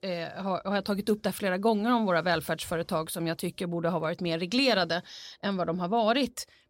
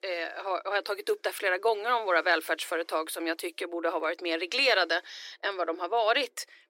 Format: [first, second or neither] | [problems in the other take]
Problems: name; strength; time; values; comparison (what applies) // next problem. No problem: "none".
first | thin; very; fading below 300 Hz